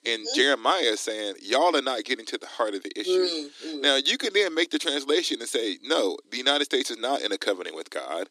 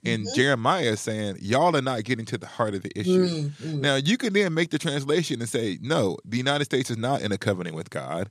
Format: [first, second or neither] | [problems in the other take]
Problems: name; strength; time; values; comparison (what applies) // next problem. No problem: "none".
second | thin; somewhat; fading below 300 Hz